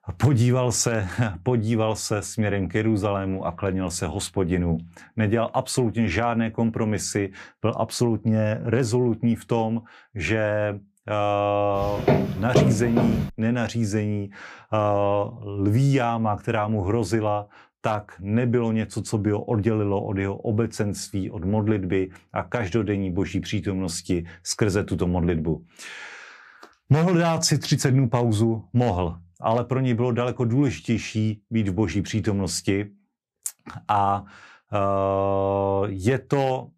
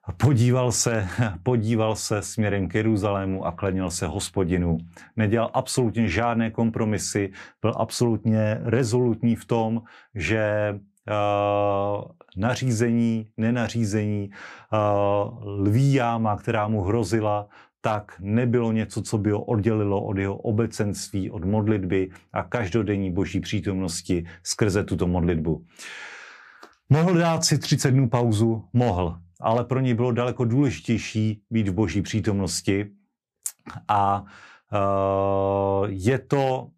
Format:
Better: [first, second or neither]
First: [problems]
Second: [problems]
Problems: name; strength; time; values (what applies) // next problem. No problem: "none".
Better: second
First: footsteps; loud; from 12 to 13 s; peak 3 dB above the speech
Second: none